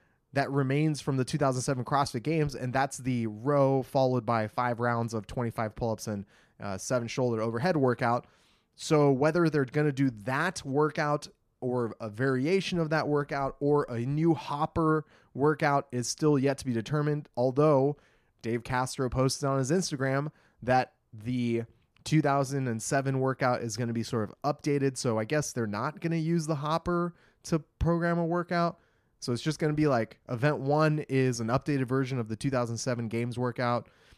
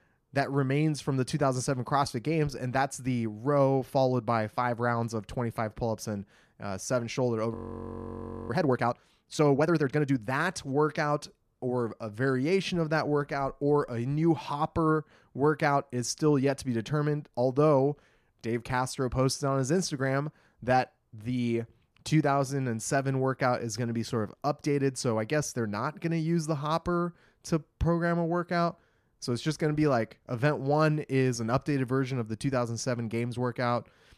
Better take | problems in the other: first | audio freezing; at 7.5 s for 1 s

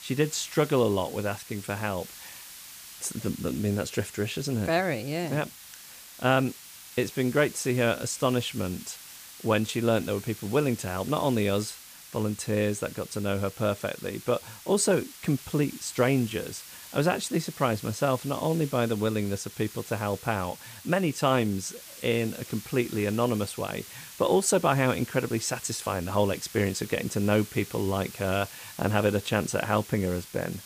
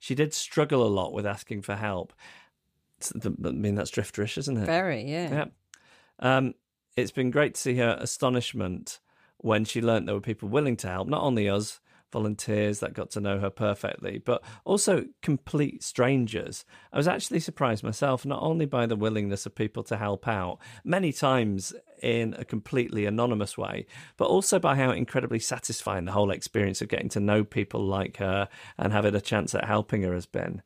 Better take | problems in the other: second | hiss; noticeable; throughout; 15 dB below the speech

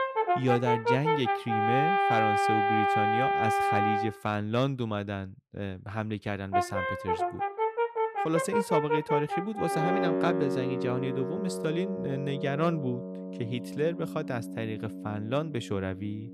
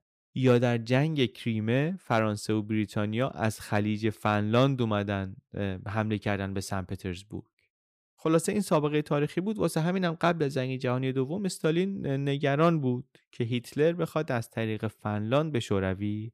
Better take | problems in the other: second | background music; very loud; throughout; 3 dB above the speech

